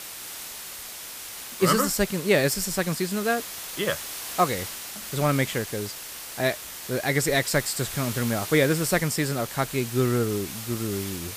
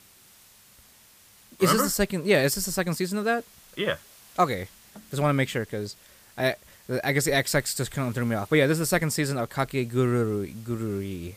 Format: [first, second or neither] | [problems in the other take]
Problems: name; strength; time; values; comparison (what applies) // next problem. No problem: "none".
second | hiss; loud; throughout; 9 dB below the speech; faint in the second